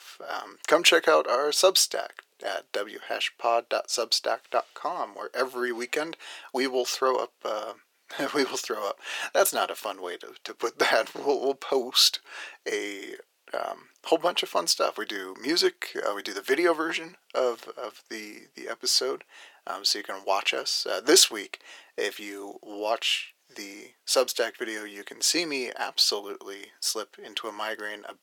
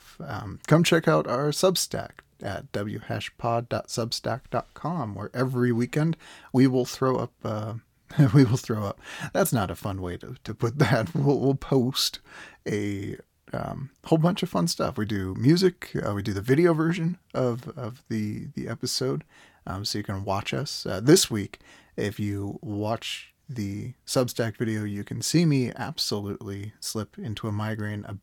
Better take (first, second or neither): second